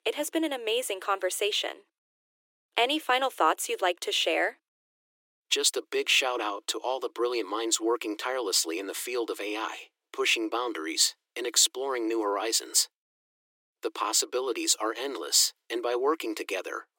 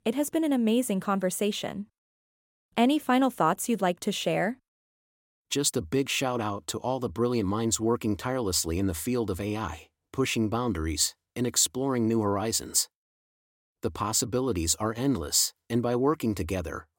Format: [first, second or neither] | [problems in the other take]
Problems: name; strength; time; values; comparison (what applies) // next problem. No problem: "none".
second | thin; very; fading below 300 Hz